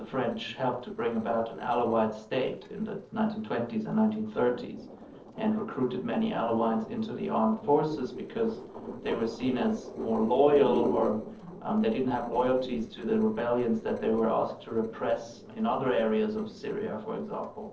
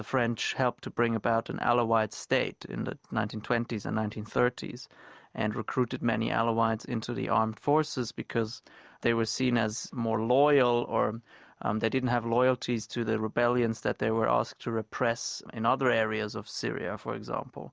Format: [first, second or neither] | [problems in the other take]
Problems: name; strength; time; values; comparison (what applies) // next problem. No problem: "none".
second | noise reduction (neural separator model SepFormer DNS4)